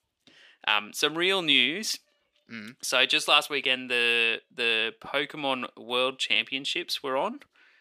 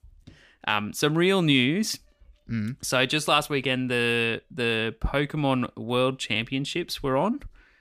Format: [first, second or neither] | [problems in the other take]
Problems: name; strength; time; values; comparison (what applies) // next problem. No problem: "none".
second | thin; somewhat; fading below 400 Hz